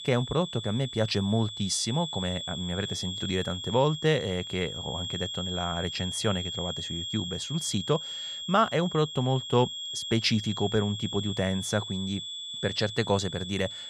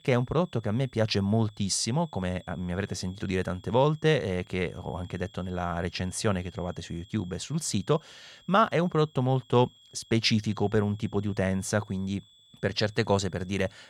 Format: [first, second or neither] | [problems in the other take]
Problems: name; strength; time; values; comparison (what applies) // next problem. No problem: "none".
second | high-pitched whine; loud; throughout; 3.5 kHz, 6 dB below the speech; faint in the second